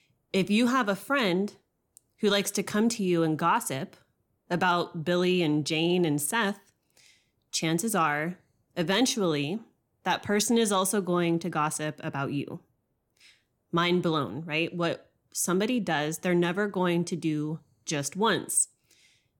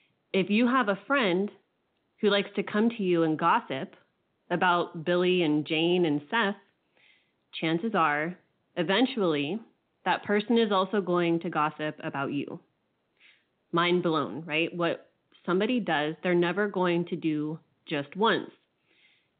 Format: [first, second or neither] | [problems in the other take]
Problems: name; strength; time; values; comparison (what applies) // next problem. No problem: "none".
first | phone-call audio; nothing above 4 kHz